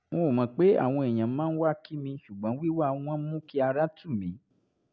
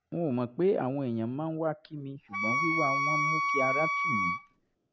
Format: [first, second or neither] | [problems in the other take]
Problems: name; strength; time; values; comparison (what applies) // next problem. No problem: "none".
first | background sound (Wind instrument, woodwind instrument); 2 dB above the speech